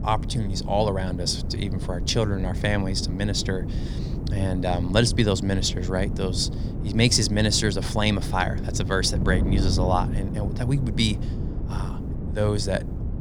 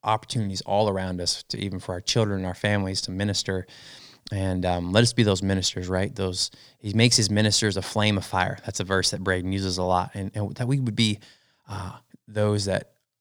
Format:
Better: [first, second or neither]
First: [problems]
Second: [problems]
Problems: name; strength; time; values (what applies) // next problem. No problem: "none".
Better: second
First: wind noise on the microphone; occasional gusts; 10 dB below the speech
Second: none